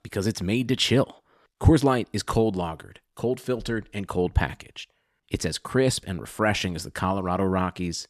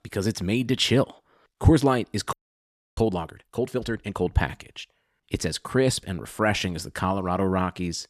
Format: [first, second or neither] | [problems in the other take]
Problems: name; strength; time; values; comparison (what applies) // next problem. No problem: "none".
first | audio freezing; at 2.5 s for 0.5 s